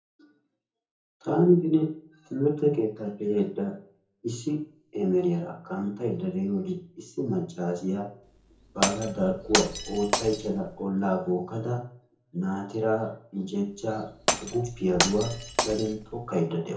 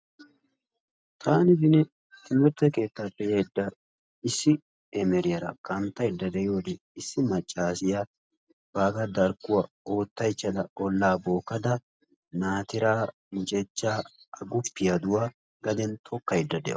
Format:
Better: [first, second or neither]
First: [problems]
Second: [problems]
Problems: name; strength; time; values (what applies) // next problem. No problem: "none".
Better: second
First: background sound (Glass); 3 dB below the speech // room echo; dies away in 0.5 s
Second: none